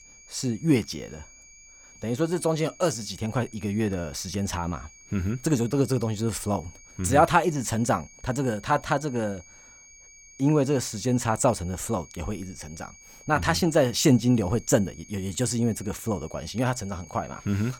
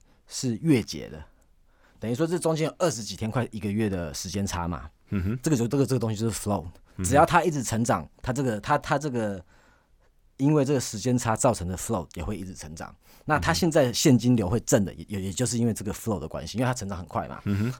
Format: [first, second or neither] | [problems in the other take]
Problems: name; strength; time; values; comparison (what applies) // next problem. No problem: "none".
second | high-pitched whine; faint; throughout; 6.5 kHz, 20 dB below the speech